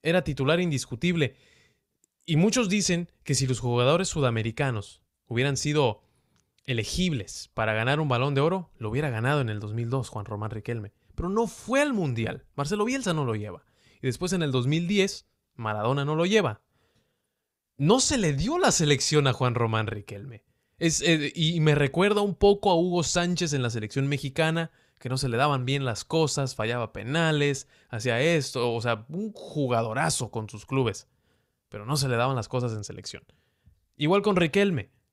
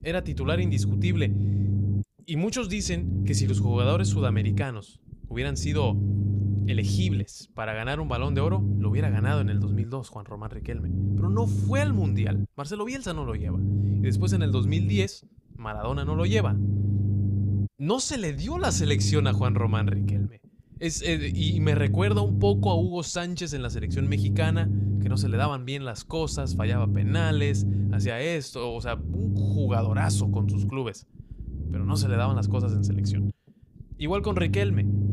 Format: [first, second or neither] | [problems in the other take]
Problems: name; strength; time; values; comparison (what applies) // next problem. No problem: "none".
first | low rumble; loud; throughout; 6 dB below the speech